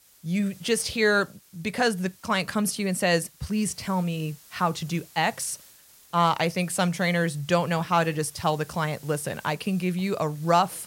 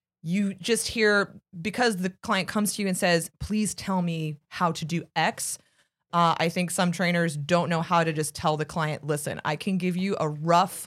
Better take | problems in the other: second | hiss; faint; throughout; 25 dB below the speech

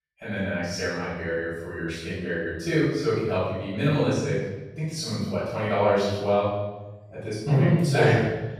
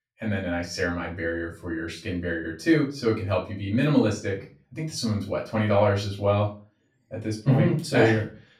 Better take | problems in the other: second | room echo; strong; dies away in 1.1 s; slight in the second // off-mic speech; far; far in the second

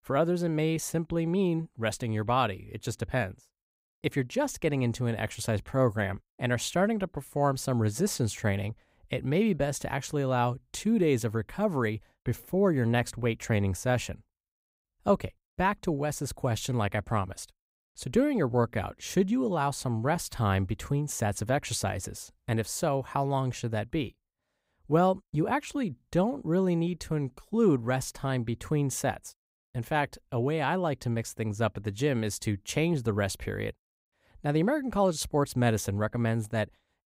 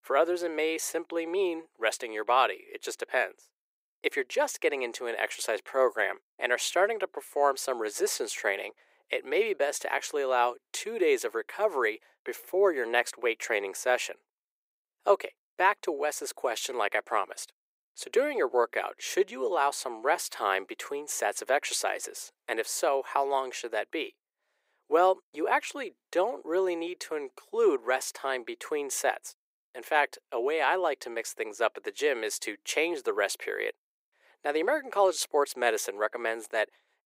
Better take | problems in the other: first | thin; very; fading below 350 Hz

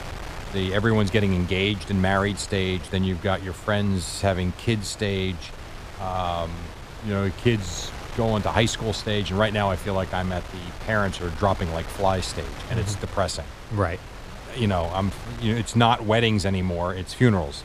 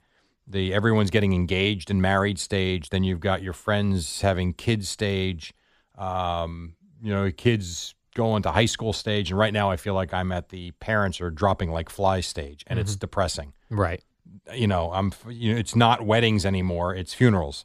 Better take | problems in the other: second | wind noise on the microphone; occasional gusts; 15 dB below the speech

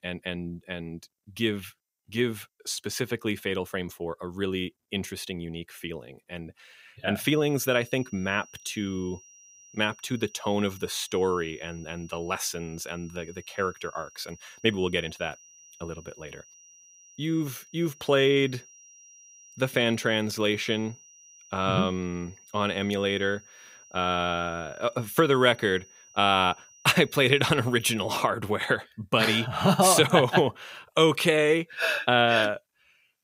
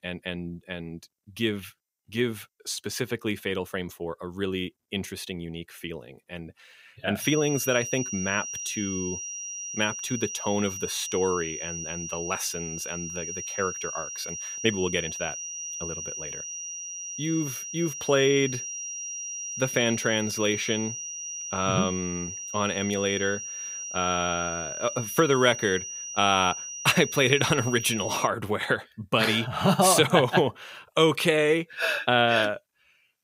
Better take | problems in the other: first | high-pitched whine; loud; from 7 to 28 s; 6 kHz, 7 dB below the speech; faint in the first

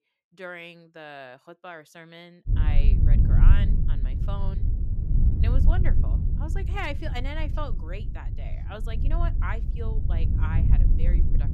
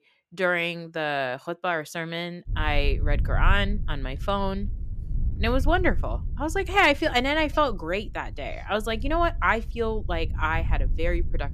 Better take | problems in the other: second | low rumble; loud; from 2.5 s on; 4 dB below the speech; faint in the second

